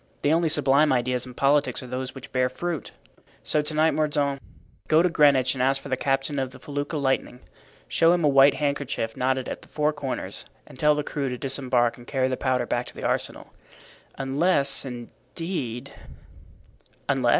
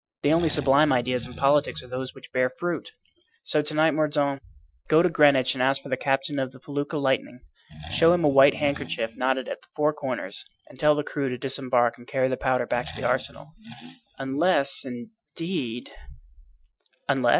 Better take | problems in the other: first | noise reduction (classical method Wiener filter)

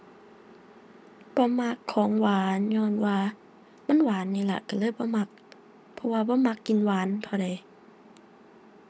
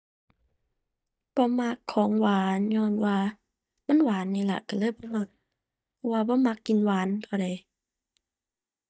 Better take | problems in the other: first | noise reduction (neural mask model DeepFilterNet 3)

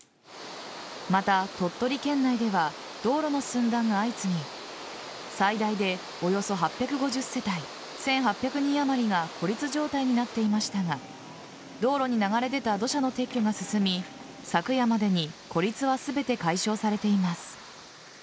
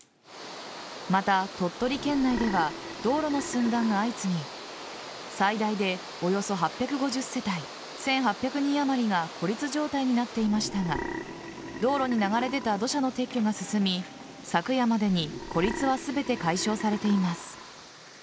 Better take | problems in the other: first | background sound (Burping, eructation); 10 dB below the speech

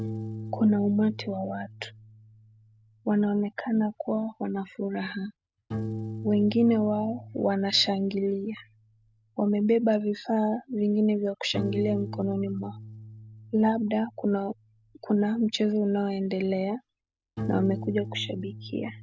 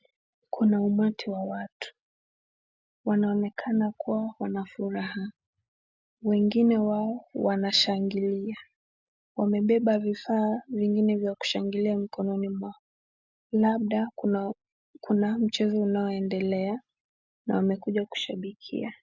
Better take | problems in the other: second | background sound (Piano); 12 dB below the speech

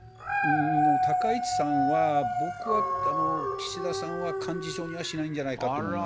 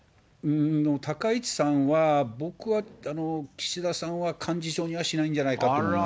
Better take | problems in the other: second | background sound (Dog); 3 dB above the speech

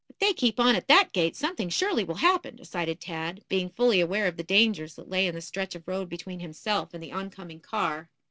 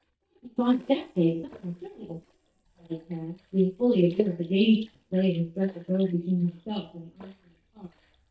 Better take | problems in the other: first | noise reduction (neural mask model DeepFilterNet 3)

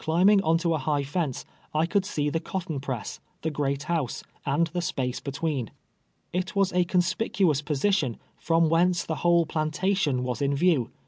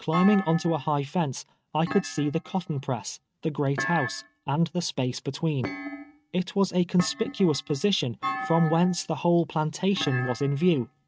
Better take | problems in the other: first | noise reduction (neural mask model RNNoise)

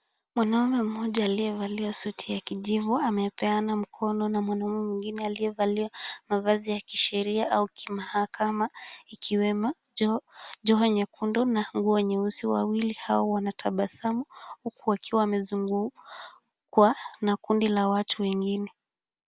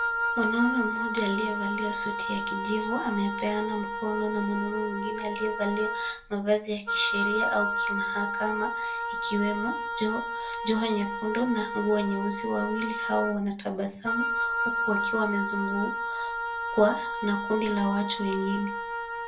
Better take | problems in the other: first | background sound (Wind instrument, woodwind instrument); 1 dB below the speech // room echo; dies away in 0.2 s

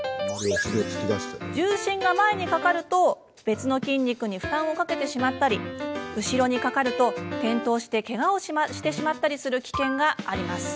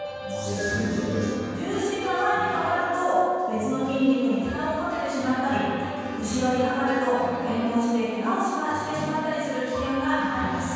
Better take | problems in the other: first | room echo; dies away in 2.1 s

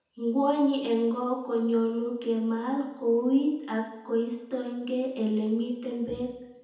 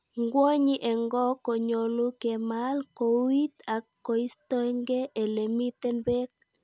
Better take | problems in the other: second | room echo; dies away in 0.9 s

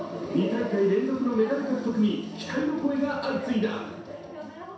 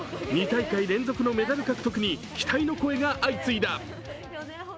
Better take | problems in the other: second | room echo; dies away in 0.7 s

